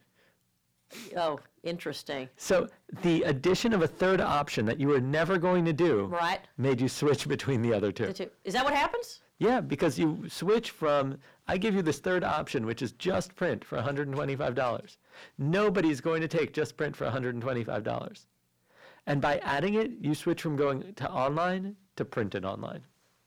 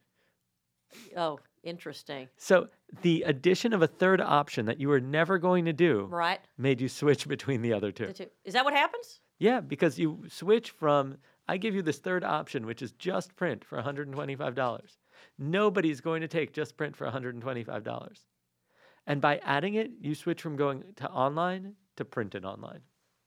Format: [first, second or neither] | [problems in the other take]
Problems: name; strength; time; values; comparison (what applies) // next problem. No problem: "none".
second | distortion; heavy; 6 dB below the speech